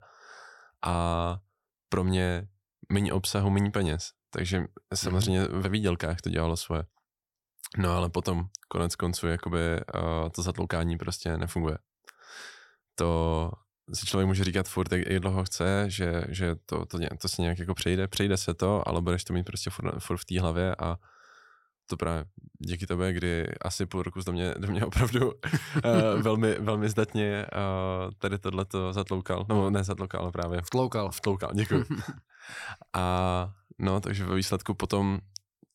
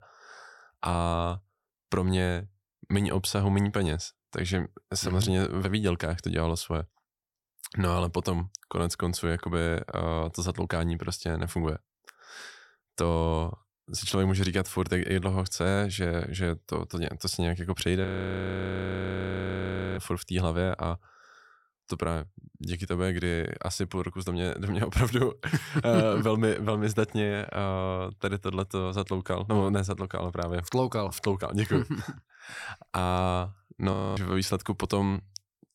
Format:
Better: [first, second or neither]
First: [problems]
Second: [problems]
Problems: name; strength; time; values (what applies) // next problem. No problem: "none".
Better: first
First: none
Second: audio freezing; at 18 s for 2 s and at 34 s